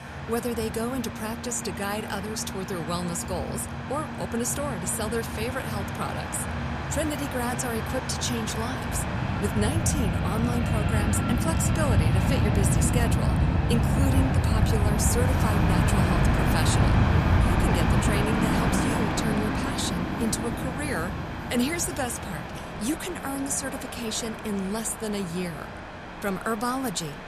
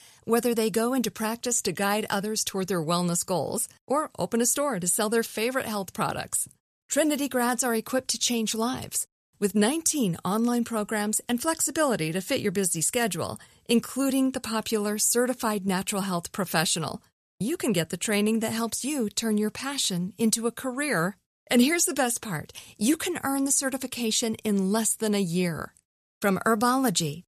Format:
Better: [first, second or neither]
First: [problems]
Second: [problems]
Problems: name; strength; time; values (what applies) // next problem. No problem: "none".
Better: second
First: train or aircraft noise; very loud; throughout; 4 dB above the speech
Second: none